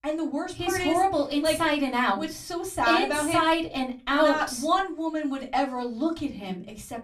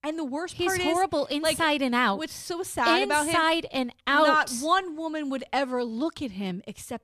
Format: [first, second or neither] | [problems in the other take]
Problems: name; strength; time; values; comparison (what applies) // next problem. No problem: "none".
second | off-mic speech; far // room echo; very slight; dies away in 0.2 s